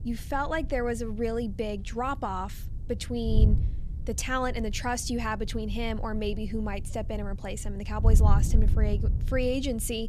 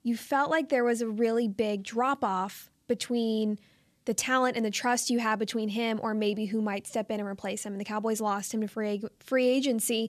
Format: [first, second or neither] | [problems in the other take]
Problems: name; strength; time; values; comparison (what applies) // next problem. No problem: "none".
second | wind noise on the microphone; occasional gusts; 15 dB below the speech